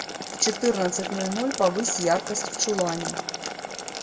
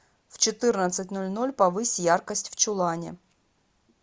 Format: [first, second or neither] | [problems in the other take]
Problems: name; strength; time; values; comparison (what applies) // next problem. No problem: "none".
second | background sound (Boiling); 6 dB below the speech // room echo; dies away in 0.8 s